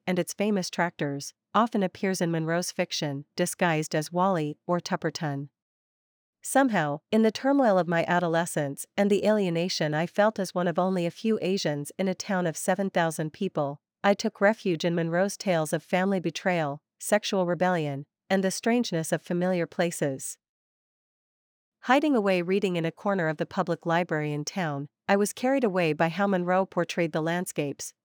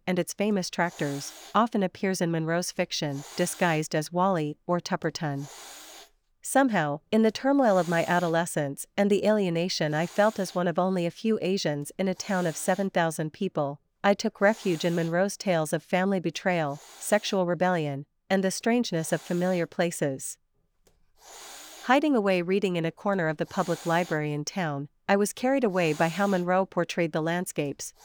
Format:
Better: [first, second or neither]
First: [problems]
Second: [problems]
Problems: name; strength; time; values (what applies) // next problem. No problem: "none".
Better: first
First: none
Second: hiss; noticeable; throughout; 20 dB below the speech